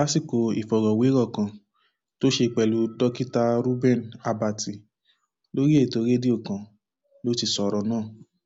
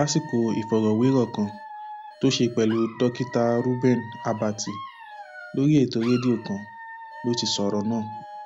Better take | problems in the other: first | background sound (Alarm / Dog); 15 dB below the speech

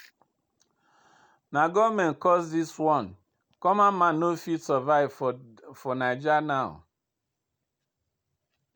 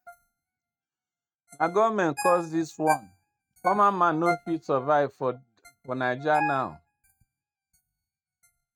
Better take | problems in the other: first | noise reduction (neural mask model RNNoise)

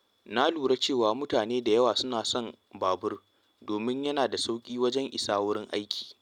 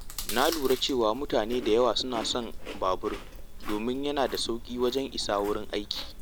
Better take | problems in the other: first | background sound (Chewing, mastication); 8 dB below the speech

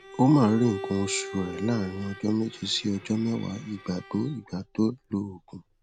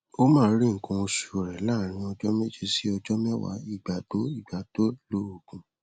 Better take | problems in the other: second | background sound (Bowed string instrument); 14 dB below the speech

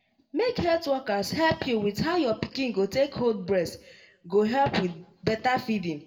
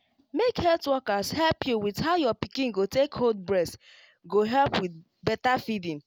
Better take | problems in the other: second | room echo; dies away in 0.5 s

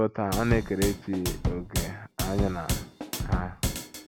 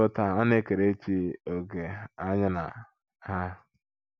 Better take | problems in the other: second | background sound (Drum / Drum kit); as loud as the speech

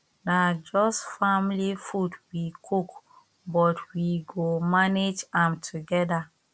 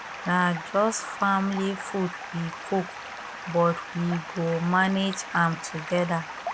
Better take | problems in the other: first | background sound (Stream); 11 dB below the speech

